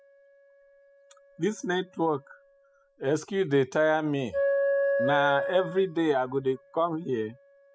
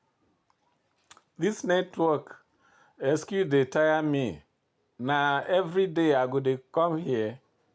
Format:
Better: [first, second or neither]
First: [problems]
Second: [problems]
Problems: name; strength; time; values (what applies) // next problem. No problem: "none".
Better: second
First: noise reduction (classical method spectral subtraction)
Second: none